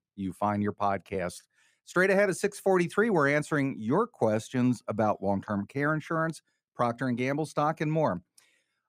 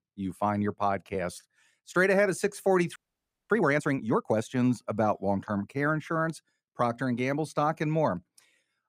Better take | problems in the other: first | audio freezing; at 3 s for 0.5 s

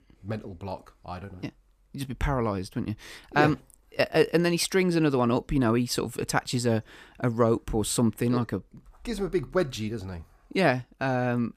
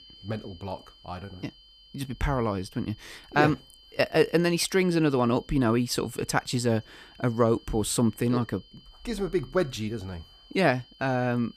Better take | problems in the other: first | high-pitched whine; faint; throughout; 3 kHz, 25 dB below the speech

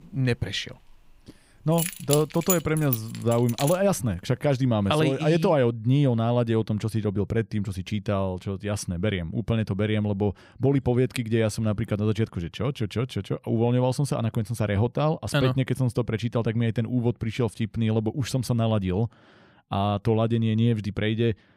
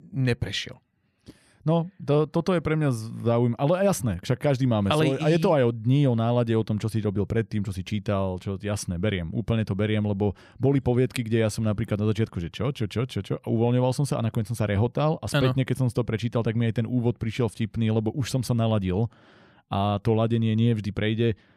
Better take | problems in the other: second | jangling keys; noticeable; from 2 to 3.5 s; peak 2 dB below the speech

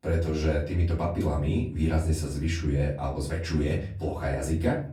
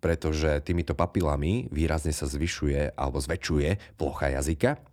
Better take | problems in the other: second | off-mic speech; far // room echo; slight; dies away in 0.5 s

